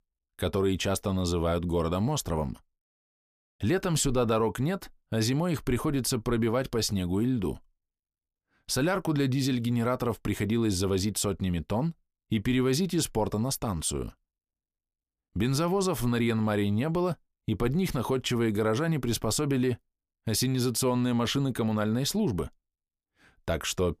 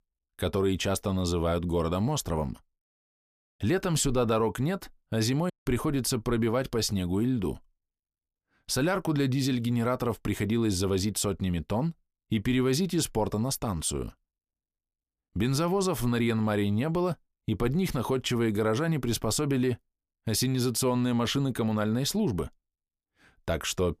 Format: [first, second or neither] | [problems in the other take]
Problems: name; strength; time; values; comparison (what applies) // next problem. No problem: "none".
first | audio cutting out; at 5.5 s